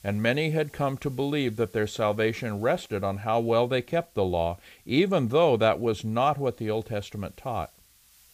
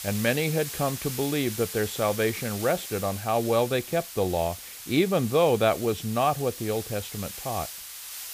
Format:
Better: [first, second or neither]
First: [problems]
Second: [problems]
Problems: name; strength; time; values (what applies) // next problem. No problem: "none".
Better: first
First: hiss; faint; throughout; 30 dB below the speech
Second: hiss; loud; throughout; 9 dB below the speech